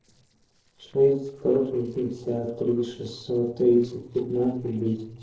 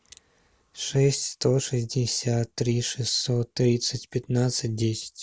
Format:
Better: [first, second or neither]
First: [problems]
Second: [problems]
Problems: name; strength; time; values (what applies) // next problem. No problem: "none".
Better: second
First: noise reduction (neural separator model SepFormer DNS4)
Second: none